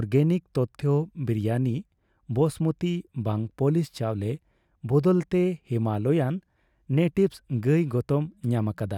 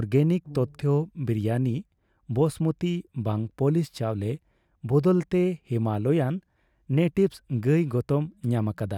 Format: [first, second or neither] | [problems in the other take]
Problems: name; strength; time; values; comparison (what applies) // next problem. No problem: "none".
first | background sound (Brass instrument); 19 dB below the speech